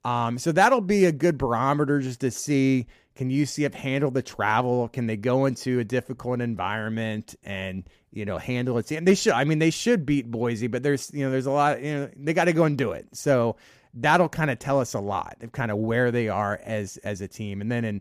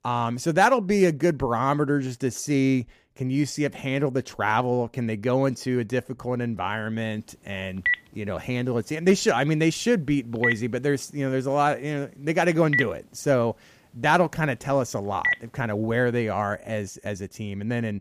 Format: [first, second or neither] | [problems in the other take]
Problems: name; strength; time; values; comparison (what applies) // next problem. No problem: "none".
first | phone ringing; loud; from 8 to 15 s; peak level with the speech